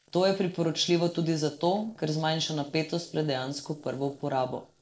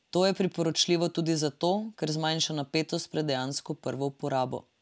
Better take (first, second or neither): second